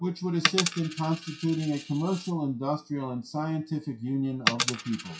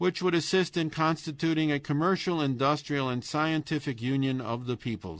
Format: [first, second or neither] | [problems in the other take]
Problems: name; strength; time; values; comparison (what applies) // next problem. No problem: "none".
second | noise reduction (classical method WPE with log-MMSE)